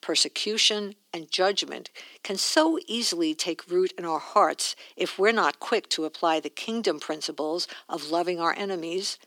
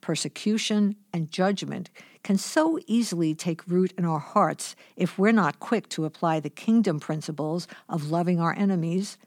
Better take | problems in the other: second | thin; very; fading below 350 Hz

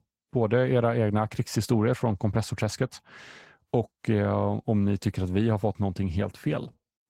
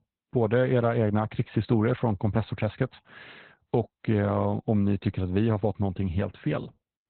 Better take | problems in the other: first | garbled, watery; badly; nothing above 4 kHz; slightly in the first

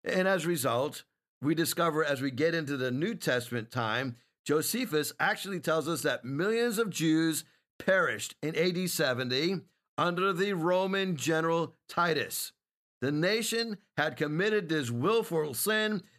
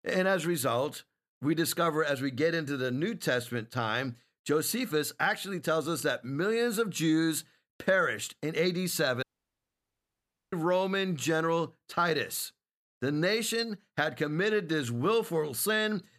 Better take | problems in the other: first | audio cutting out; at 9 s for 1.5 s

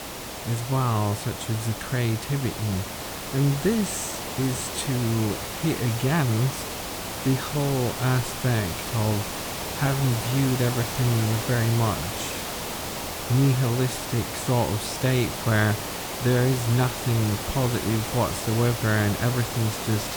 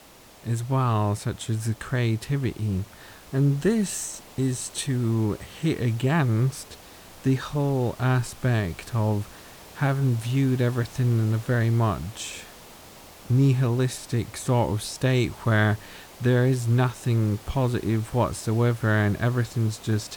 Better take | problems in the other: second | hiss; loud; throughout; 5 dB below the speech; faint in the second

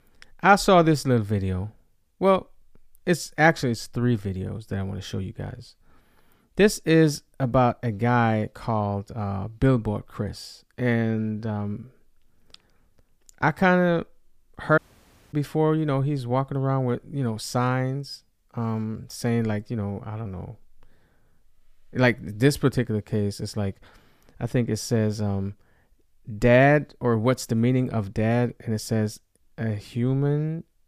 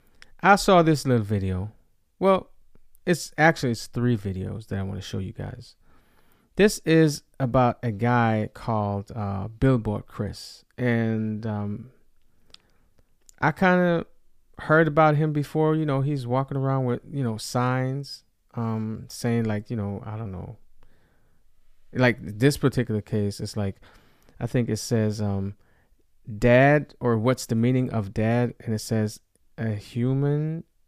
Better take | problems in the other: second | audio cutting out; at 15 s for 0.5 s

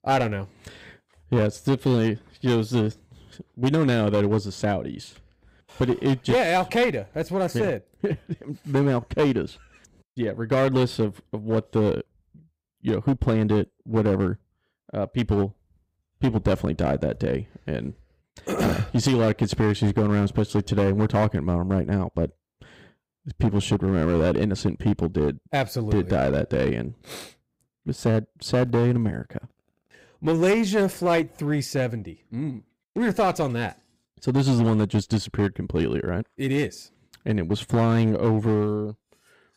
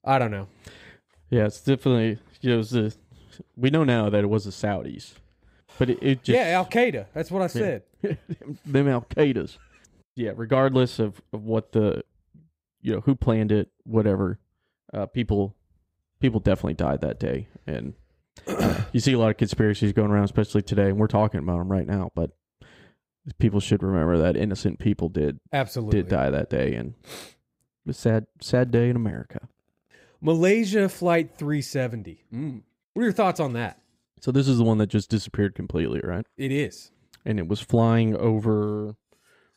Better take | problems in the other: second | distortion; slight; 8% of the sound clipped

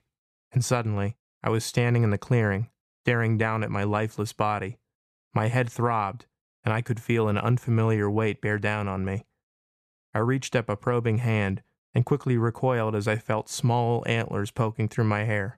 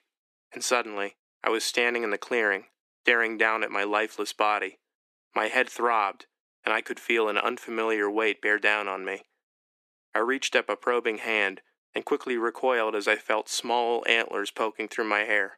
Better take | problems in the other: first | thin; very; fading below 300 Hz

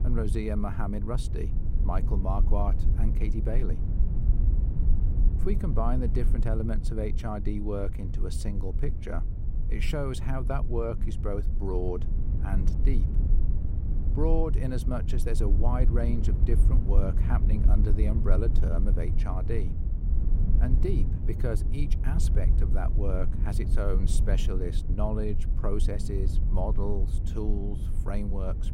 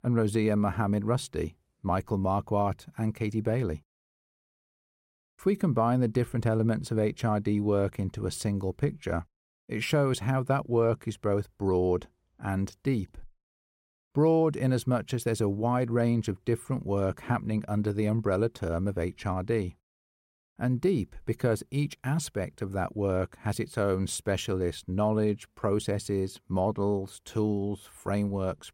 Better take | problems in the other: second | low rumble; loud; throughout; 8 dB below the speech

